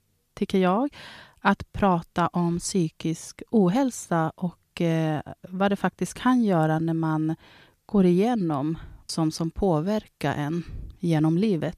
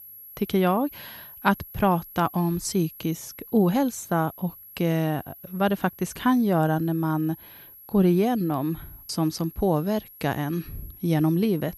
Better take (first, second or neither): first